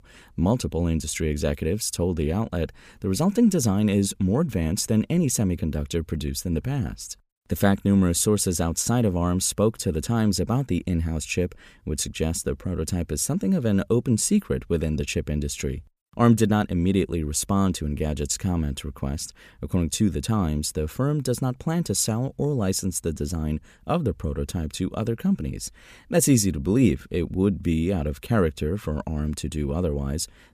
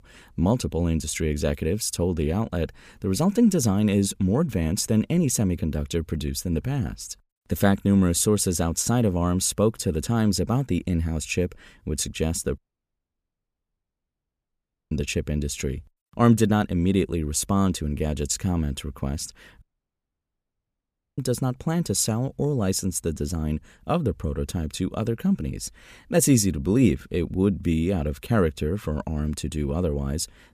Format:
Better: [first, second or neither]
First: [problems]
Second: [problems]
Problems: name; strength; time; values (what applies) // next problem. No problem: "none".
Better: first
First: none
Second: audio cutting out; at 13 s for 2.5 s and at 20 s for 1.5 s